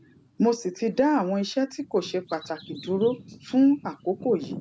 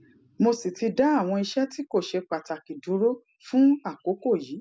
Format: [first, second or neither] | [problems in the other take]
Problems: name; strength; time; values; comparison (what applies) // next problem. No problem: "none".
second | background sound (Bird vocalization, bird call, bird song); 18 dB below the speech